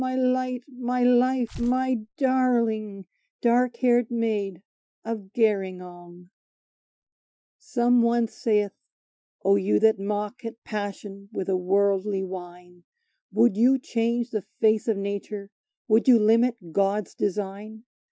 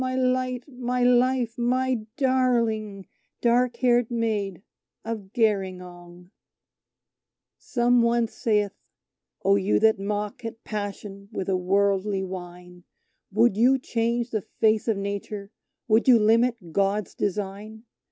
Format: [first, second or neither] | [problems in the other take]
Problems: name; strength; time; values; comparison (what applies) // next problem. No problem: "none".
second | noise reduction (classical method Wiener filter)